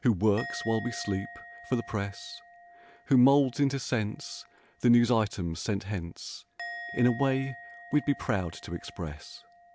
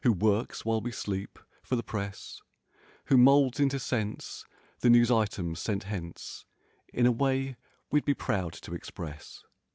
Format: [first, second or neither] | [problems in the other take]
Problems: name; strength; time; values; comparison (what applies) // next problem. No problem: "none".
second | background sound (Musical instrument); 17 dB below the speech